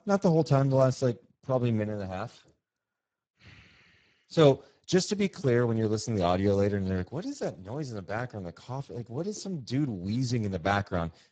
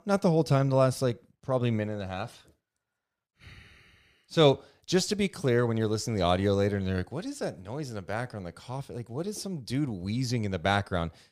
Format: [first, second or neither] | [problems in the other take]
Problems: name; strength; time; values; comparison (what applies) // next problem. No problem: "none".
second | garbled, watery; badly; nothing above 7.5 kHz